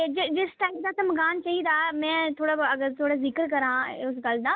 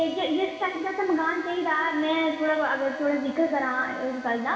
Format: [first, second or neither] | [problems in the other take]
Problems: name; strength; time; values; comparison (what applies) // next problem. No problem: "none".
first | background sound (Drill); 20 dB below the speech // room echo; dies away in 2.3 s